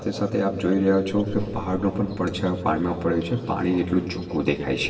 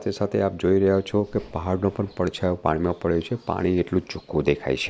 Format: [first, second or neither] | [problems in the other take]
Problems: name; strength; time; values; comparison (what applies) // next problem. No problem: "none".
second | room echo; dies away in 2.3 s